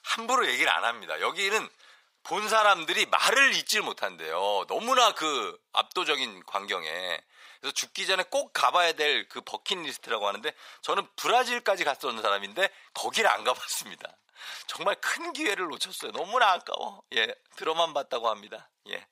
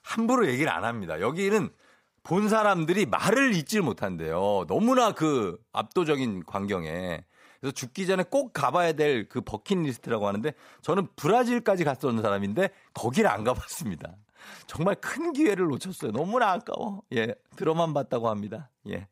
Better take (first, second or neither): second